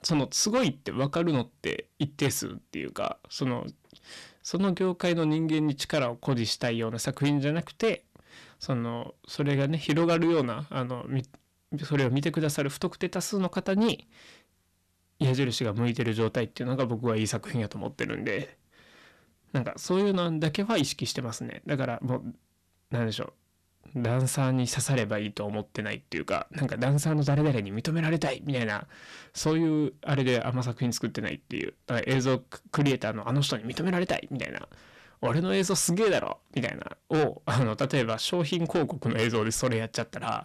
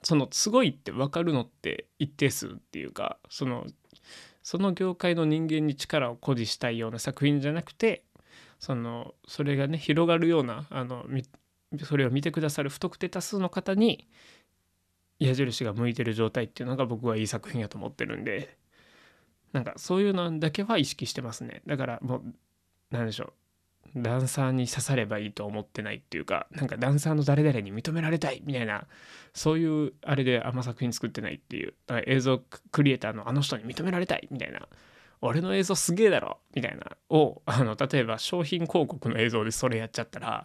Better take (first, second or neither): second